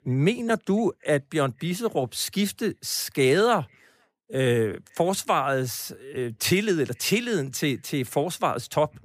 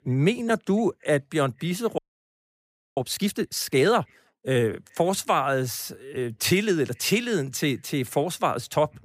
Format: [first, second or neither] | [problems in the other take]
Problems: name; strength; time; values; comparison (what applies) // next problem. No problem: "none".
first | audio freezing; at 2 s for 1 s